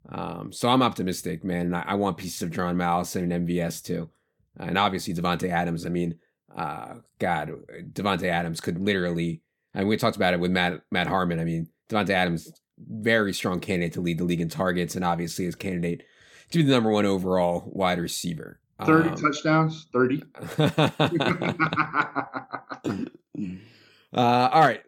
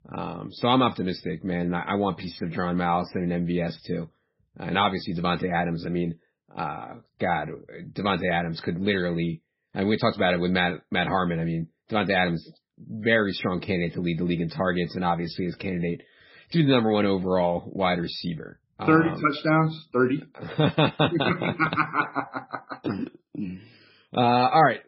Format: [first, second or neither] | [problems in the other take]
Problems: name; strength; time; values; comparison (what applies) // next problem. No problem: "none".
first | garbled, watery; badly; nothing above 5.5 kHz